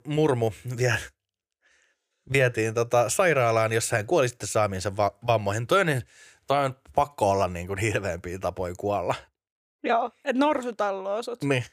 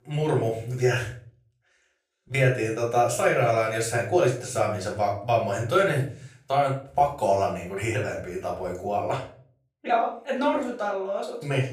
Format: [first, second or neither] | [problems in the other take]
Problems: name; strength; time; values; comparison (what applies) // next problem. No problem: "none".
first | off-mic speech; far // room echo; slight; dies away in 0.4 s